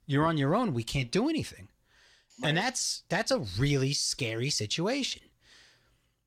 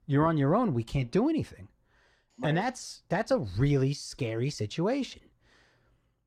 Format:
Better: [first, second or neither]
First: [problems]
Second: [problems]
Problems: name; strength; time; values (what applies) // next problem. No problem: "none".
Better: first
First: none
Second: muffled; slightly; fading above 2 kHz